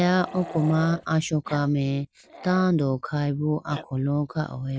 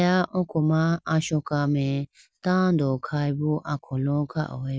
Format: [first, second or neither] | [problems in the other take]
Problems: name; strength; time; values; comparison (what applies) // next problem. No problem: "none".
second | background sound (Growling); 18 dB below the speech